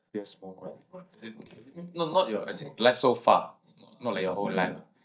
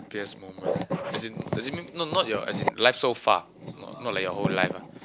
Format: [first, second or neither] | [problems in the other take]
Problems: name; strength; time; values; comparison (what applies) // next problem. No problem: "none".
second | noise reduction (neural mask model DeepFilterNet 3)